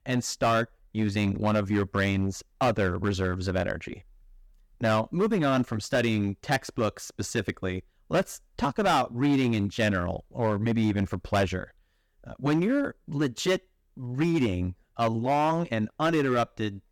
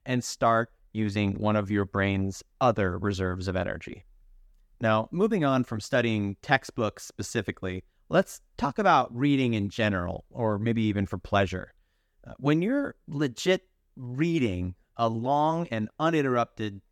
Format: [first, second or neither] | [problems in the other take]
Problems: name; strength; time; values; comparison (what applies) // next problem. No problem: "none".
second | distortion; slight; 7% of the sound clipped